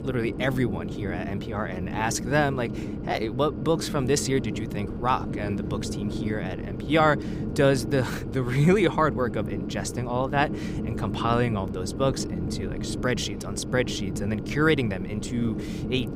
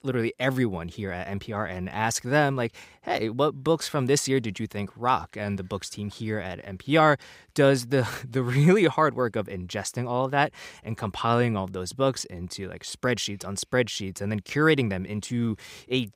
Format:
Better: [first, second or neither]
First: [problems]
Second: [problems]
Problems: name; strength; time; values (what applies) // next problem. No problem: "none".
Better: second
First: low rumble; noticeable; throughout; 10 dB below the speech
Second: none